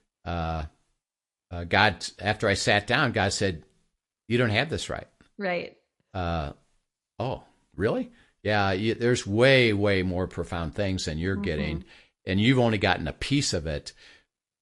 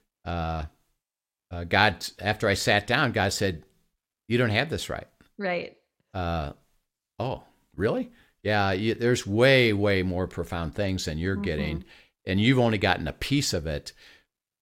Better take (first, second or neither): second